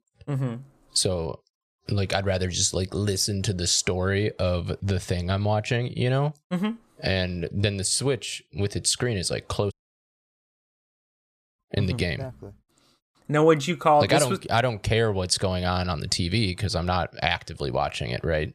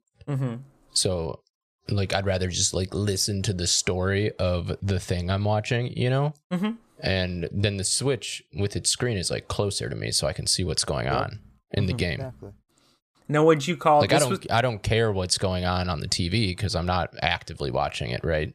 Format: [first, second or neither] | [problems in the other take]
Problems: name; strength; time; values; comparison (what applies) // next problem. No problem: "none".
second | audio cutting out; at 9.5 s for 2 s